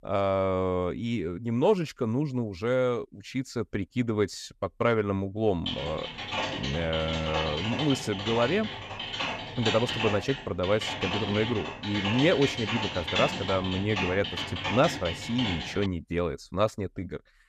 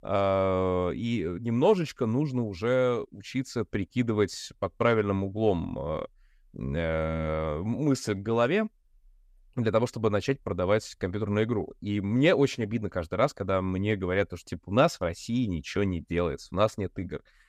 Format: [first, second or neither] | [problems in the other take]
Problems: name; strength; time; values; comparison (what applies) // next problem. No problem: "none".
second | keyboard typing; loud; from 5.5 to 16 s; peak level with the speech